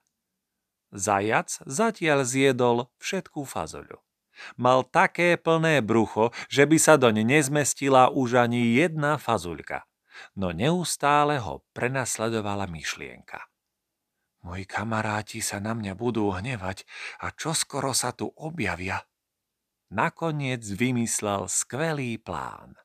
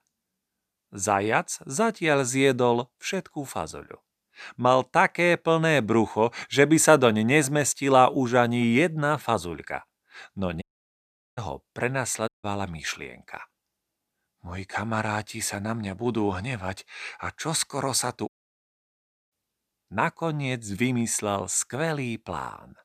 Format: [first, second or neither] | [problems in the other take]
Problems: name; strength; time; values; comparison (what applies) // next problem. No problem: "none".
first | audio cutting out; at 11 s for 1 s, at 12 s and at 18 s for 1 s